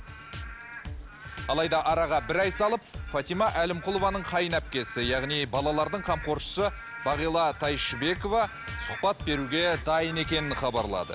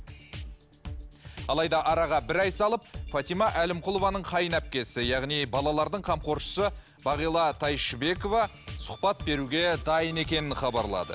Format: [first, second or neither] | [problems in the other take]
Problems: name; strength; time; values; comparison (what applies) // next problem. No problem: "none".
second | background sound (Rain / Frog); 14 dB below the speech